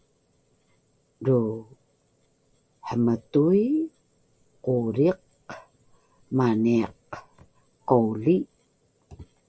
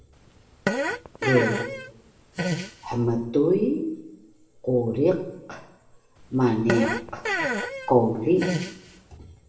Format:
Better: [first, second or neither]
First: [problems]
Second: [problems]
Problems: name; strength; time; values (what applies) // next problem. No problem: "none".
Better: first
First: none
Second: background sound (Fart); 4 dB below the speech // room echo; dies away in 0.7 s